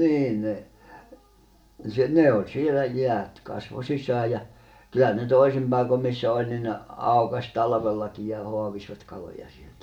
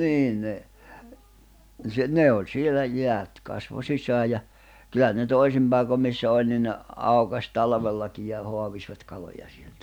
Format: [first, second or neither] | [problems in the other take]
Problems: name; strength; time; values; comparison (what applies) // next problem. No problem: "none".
second | room echo; dies away in 0.3 s